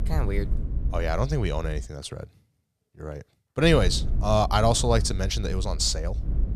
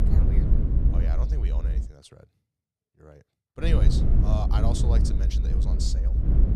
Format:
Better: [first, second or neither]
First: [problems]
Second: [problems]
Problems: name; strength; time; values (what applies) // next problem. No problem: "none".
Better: first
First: low rumble; faint; until 2 s and from 3.5 s on; 20 dB below the speech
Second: low rumble; loud; until 2 s and from 3.5 s on; 1 dB below the speech